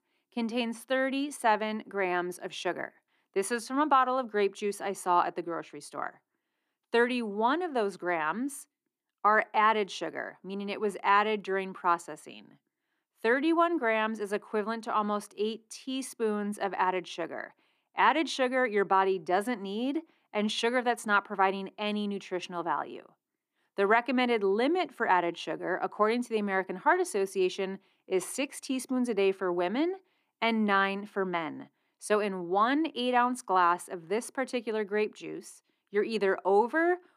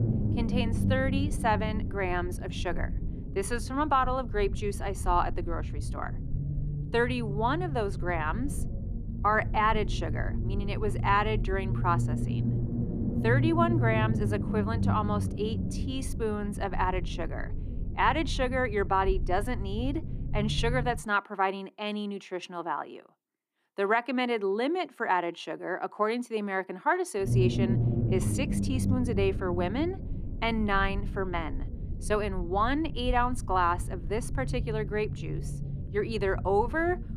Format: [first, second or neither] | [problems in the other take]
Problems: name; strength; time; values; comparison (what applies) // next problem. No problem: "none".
first | low rumble; noticeable; until 21 s and from 27 s on; 15 dB below the speech